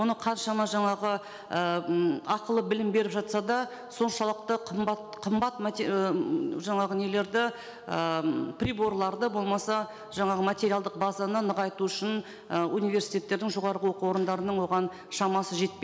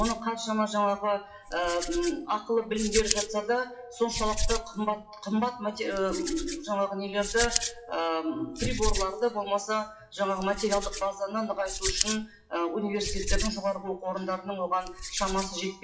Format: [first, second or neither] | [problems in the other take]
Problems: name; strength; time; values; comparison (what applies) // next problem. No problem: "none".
first | noise reduction (classical method WPE with log-MMSE)